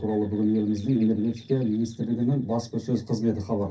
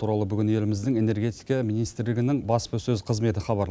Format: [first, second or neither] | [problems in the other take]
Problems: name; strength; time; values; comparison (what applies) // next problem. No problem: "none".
second | noise reduction (neural separator model SepFormer DNS4)